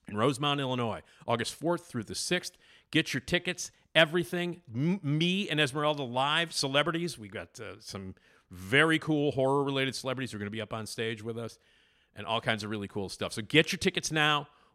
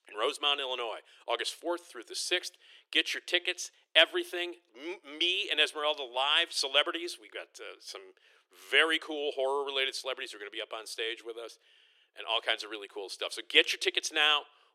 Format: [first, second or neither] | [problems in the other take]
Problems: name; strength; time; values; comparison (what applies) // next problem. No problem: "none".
first | thin; very; fading below 350 Hz